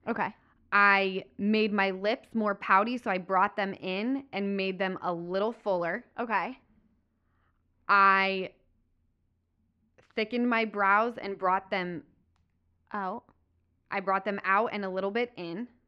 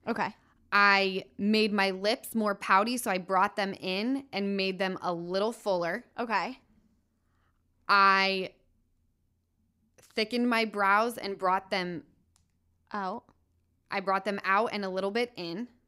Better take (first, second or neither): second